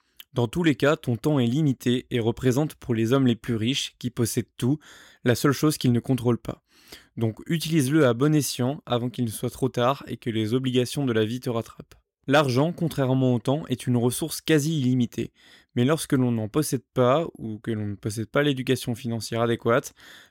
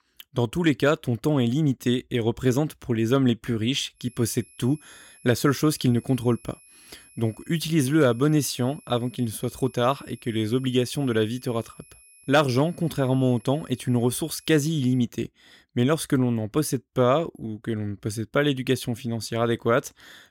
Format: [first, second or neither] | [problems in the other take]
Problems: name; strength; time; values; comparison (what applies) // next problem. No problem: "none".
first | high-pitched whine; faint; from 4 to 15 s; 11 kHz, 25 dB below the speech